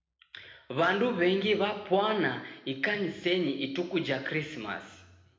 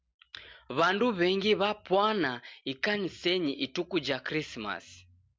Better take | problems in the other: second | room echo; dies away in 0.9 s

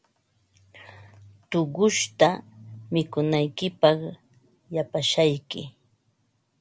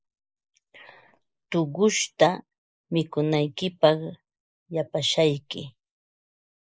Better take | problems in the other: first | noise reduction (neural mask model Resemble Enhance denoiser)

